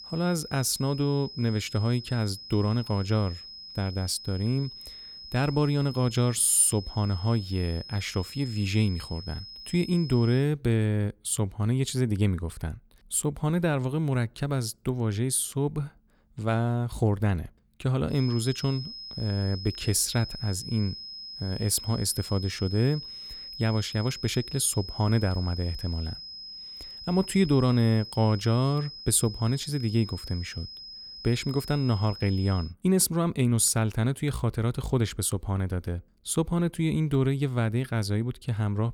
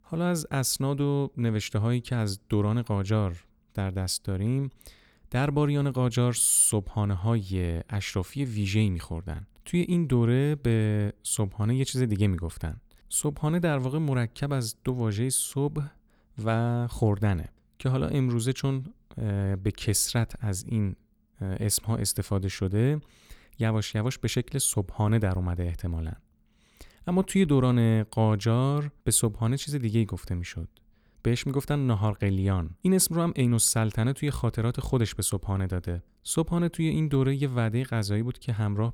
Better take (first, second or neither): second